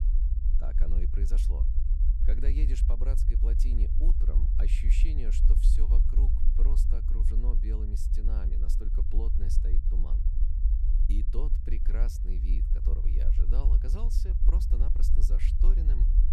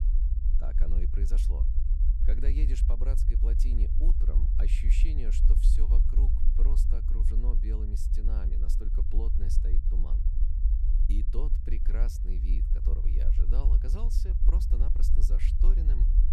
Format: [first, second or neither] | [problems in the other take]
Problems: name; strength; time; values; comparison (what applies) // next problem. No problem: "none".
neither | low rumble; loud; throughout; 3 dB below the speech; the same in both